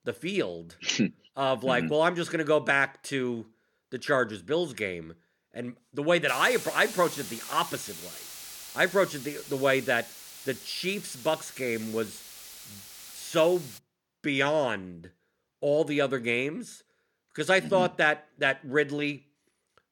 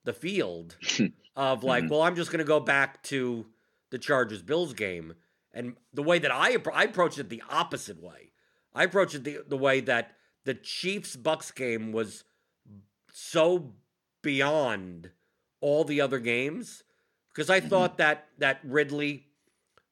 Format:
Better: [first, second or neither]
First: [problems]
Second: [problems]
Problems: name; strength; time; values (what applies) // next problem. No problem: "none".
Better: second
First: hiss; noticeable; from 6.5 to 14 s; 15 dB below the speech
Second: none